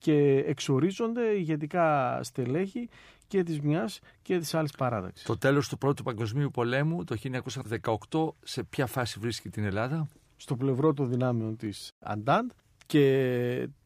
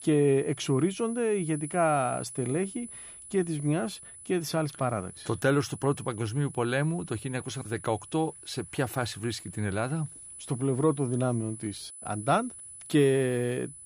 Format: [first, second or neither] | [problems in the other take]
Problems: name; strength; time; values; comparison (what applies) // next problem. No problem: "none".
first | high-pitched whine; noticeable; throughout; 10 kHz, 15 dB below the speech